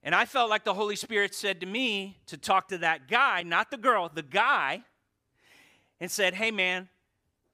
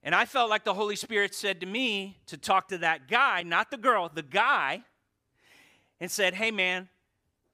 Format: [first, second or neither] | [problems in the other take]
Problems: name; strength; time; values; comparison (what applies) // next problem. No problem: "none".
neither | none